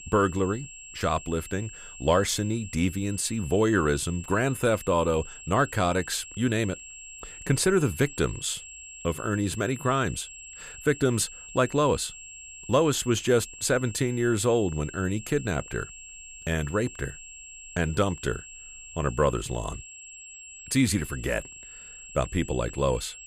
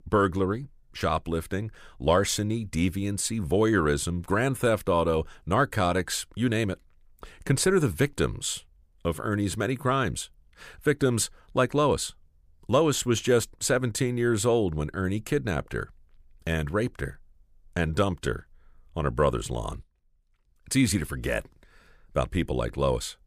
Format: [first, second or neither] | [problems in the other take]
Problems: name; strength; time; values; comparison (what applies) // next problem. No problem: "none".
second | high-pitched whine; noticeable; throughout; 7.5 kHz, 15 dB below the speech